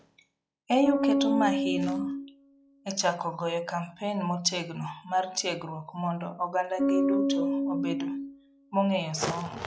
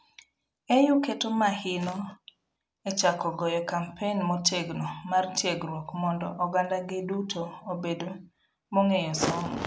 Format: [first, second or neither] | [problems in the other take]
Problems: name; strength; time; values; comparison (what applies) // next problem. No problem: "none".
second | noise reduction (classical method log-MMSE)